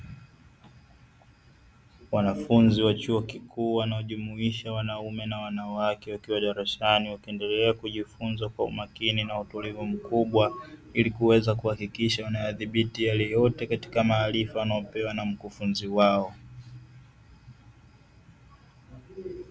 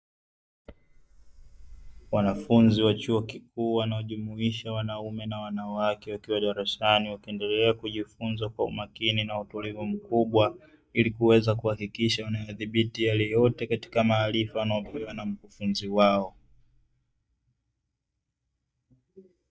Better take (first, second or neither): first